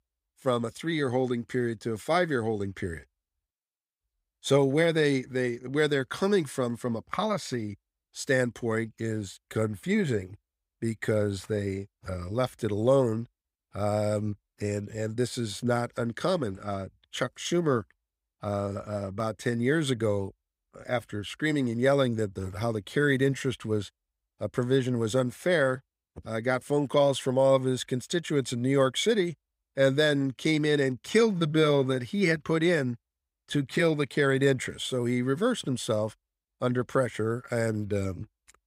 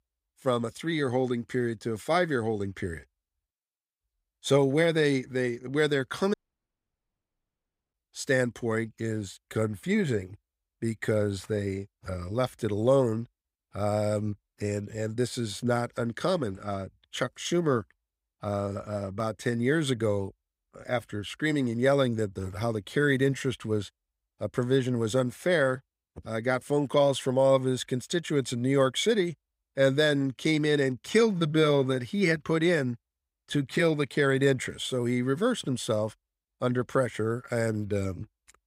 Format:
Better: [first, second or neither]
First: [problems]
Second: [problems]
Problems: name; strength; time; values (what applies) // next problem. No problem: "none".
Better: first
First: none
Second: audio cutting out; at 6.5 s for 1.5 s